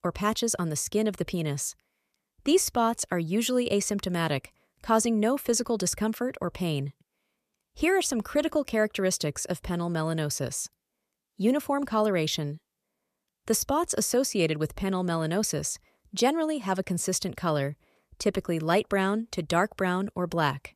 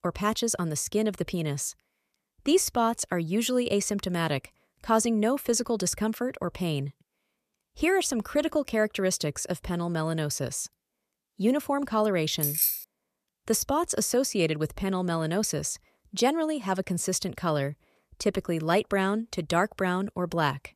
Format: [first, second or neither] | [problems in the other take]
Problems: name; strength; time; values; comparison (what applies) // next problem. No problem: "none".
first | jangling keys; loud; at 12 s; peak 4 dB above the speech